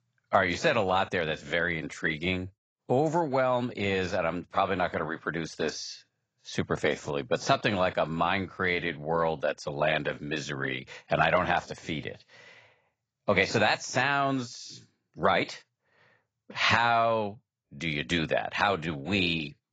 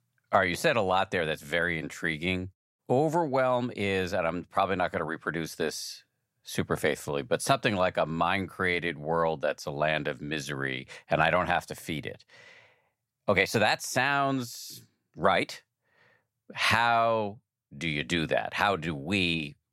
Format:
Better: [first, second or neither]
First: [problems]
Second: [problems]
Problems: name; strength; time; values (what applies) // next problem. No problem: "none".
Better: second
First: garbled, watery; badly; nothing above 7.5 kHz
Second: none